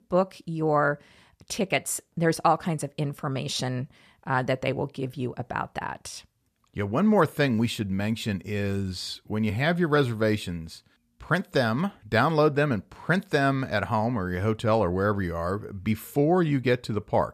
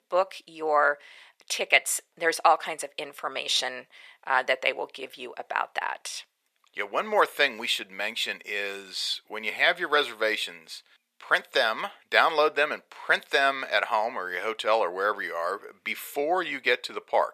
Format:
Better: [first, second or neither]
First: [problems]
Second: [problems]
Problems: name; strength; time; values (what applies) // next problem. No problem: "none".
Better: first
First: none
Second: thin; very; fading below 500 Hz